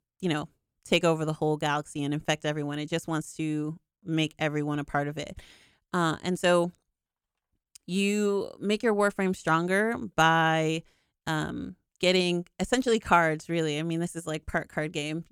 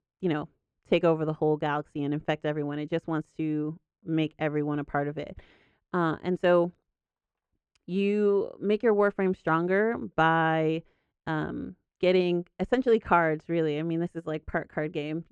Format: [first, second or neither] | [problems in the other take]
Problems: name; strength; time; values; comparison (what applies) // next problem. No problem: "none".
first | muffled; very; fading above 2 kHz